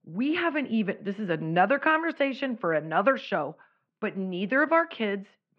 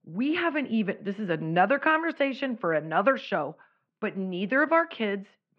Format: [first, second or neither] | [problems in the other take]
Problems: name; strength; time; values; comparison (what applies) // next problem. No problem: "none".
neither | muffled; very; fading above 3 kHz; the same in both